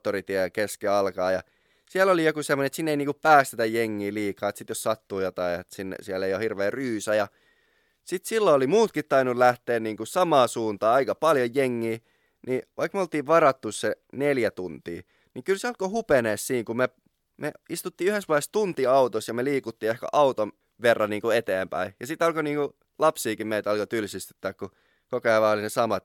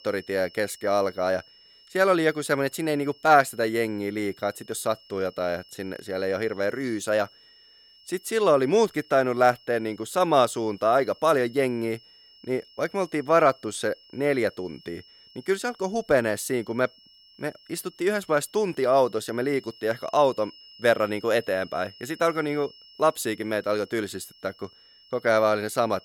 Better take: first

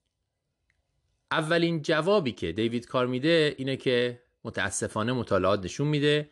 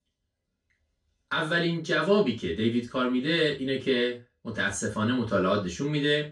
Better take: first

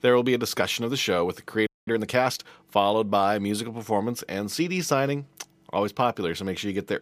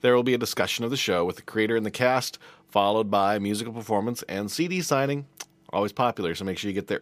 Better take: second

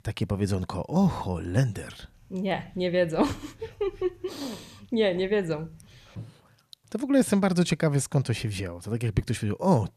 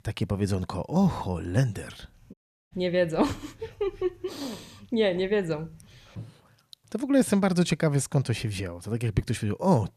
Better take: first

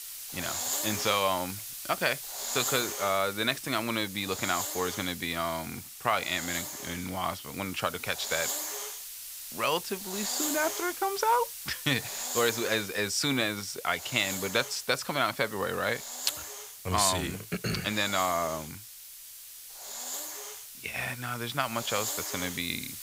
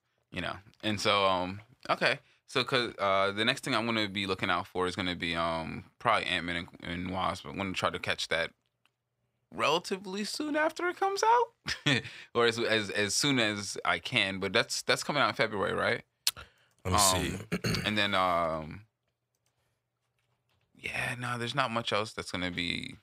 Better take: second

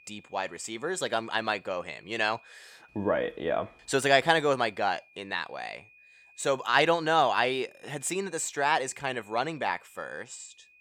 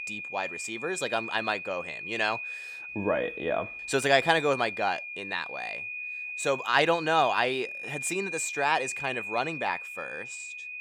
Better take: first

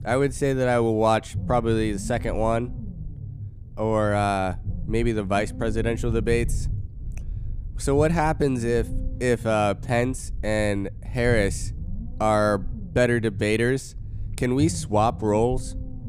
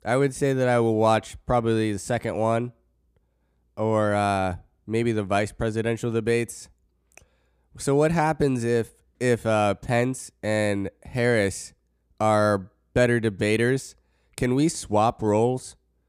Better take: second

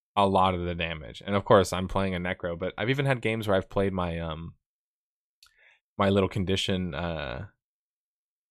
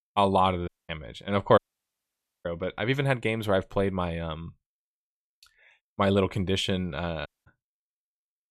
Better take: first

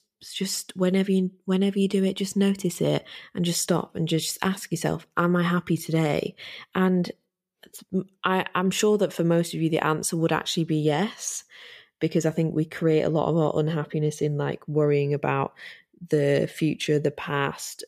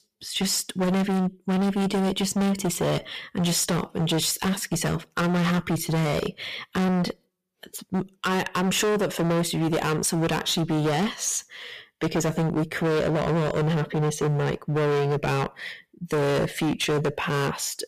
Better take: first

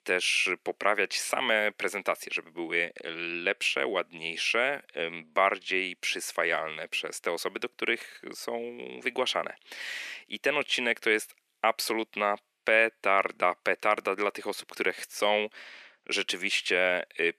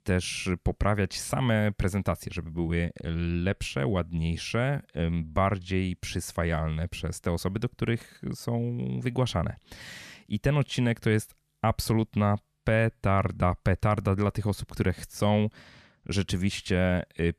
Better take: second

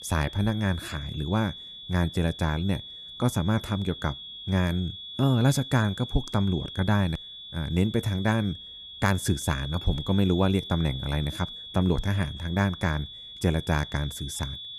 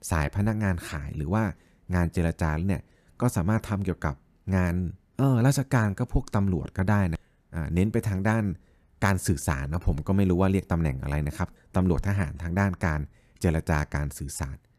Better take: second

